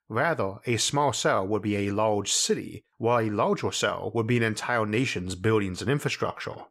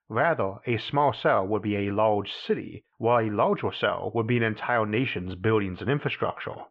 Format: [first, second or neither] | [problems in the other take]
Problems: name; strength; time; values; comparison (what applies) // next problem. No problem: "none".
first | muffled; very; fading above 3 kHz